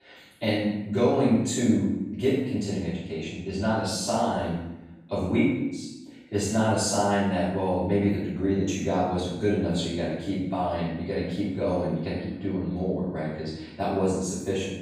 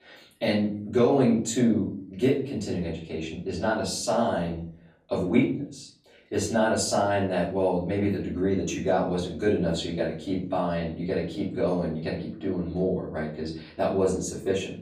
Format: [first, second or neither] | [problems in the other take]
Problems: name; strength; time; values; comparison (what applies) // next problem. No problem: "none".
second | room echo; strong; dies away in 0.8 s; slight in the second // off-mic speech; far; far in the second